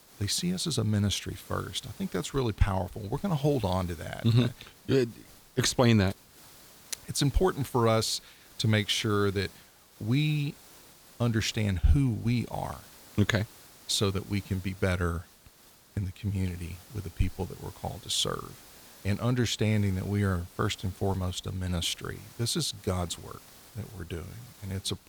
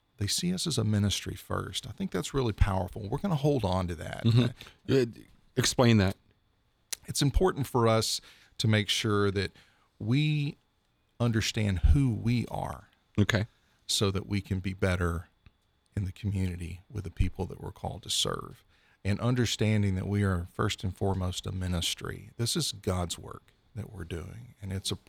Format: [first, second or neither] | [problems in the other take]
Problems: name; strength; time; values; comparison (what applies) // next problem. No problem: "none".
second | hiss; faint; throughout; 20 dB below the speech